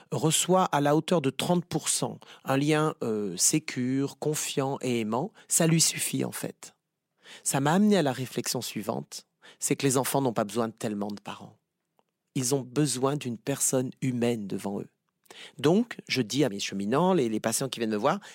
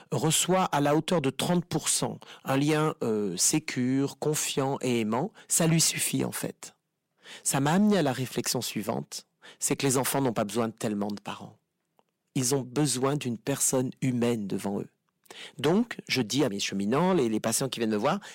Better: first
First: none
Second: distortion; slight; 10 dB below the speech

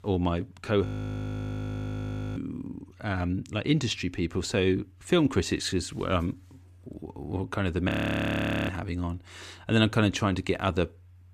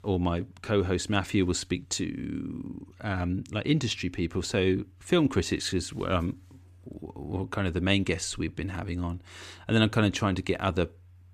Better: second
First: audio freezing; at 1 s for 1.5 s and at 8 s for 1 s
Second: none

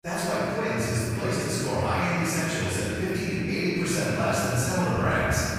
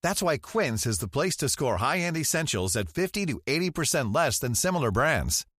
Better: second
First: room echo; strong; dies away in 3 s // off-mic speech; far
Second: none

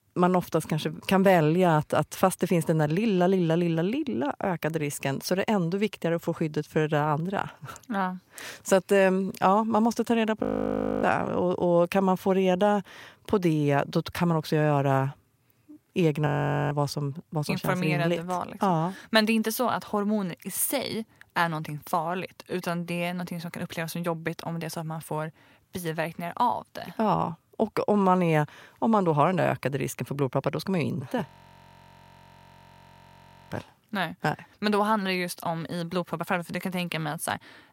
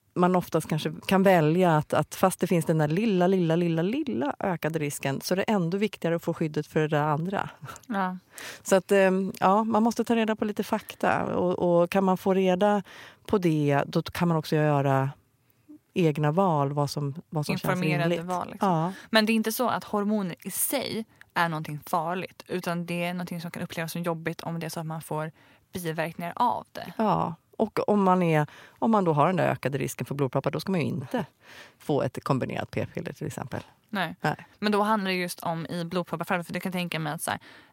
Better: second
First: audio freezing; at 10 s for 0.5 s, at 16 s and at 31 s for 2 s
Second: none

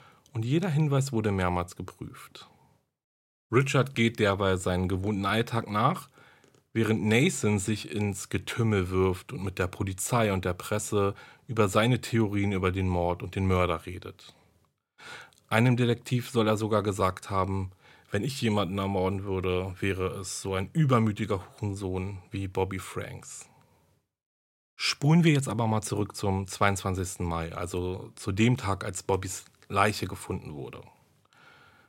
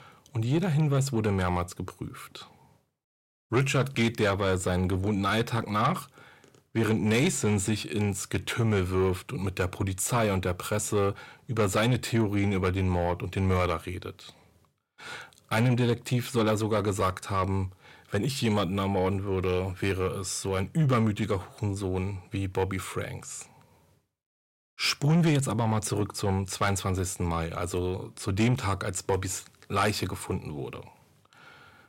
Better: first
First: none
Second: distortion; slight; 10 dB below the speech

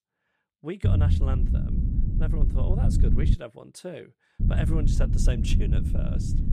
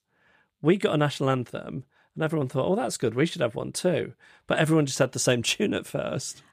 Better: second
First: low rumble; loud; from 1 to 3.5 s and from 4.5 s on; 1 dB below the speech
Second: none

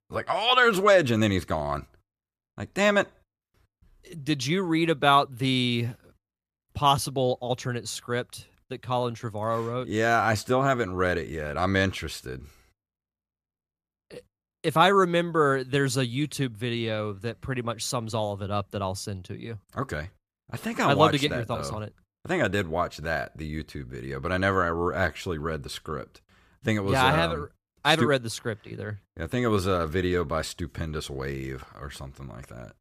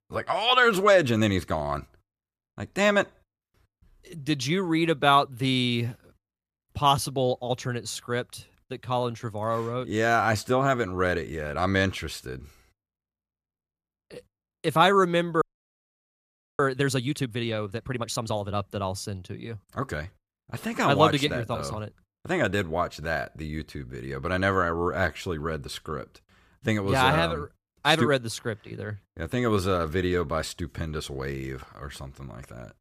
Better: first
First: none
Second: audio freezing; at 15 s for 1 s

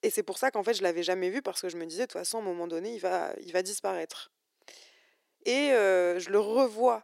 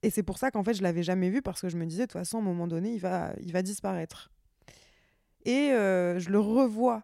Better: second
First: thin; somewhat; fading below 350 Hz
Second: none

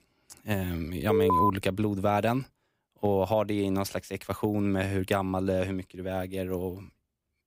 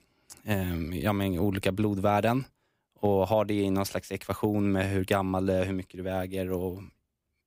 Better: second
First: alarm; loud; at 1 s; peak 5 dB above the speech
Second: none

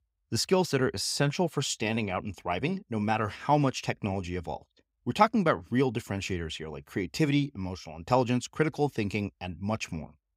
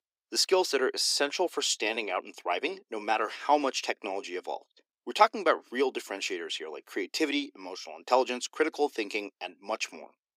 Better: first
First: none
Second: thin; somewhat; fading below 300 Hz

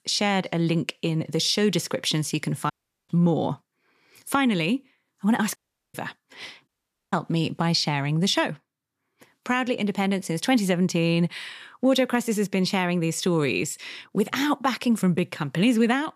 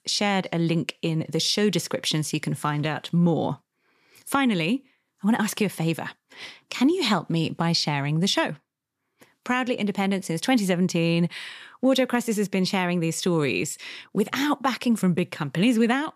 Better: second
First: audio cutting out; at 2.5 s, at 5.5 s and at 6.5 s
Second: none

